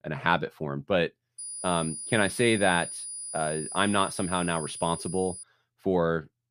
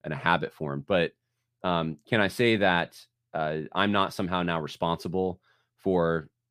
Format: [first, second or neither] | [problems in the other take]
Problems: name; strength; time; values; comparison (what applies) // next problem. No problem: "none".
second | high-pitched whine; loud; from 1.5 to 5.5 s; 9.5 kHz, 8 dB below the speech